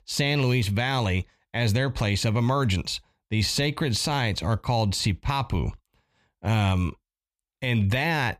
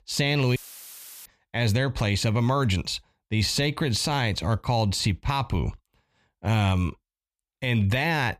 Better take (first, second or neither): first